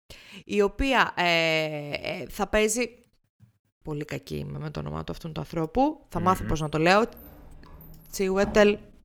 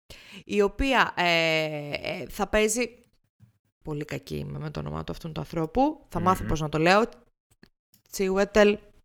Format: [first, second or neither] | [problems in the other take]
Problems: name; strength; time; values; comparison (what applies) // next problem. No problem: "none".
second | door banging; faint; from 7 s on; peak 10 dB below the speech